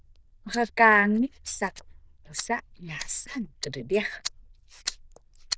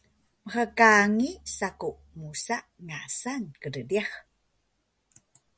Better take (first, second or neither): second